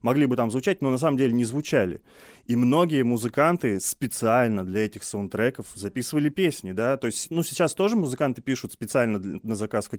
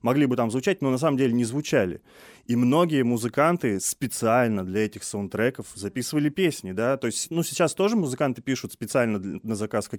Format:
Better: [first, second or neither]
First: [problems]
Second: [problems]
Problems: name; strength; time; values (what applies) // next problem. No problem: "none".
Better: second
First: garbled, watery; slightly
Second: none